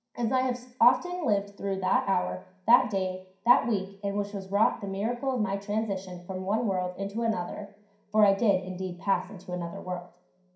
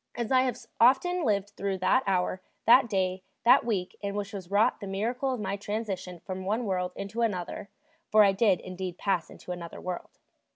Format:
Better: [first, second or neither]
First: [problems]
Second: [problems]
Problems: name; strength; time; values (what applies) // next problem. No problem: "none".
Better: second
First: room echo; dies away in 0.5 s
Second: none